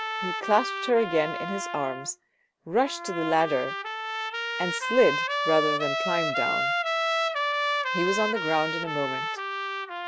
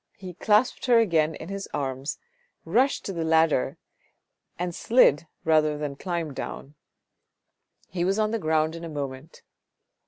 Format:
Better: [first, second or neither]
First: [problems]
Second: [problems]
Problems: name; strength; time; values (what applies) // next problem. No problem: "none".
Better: second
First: background sound (Trumpet); 1 dB below the speech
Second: none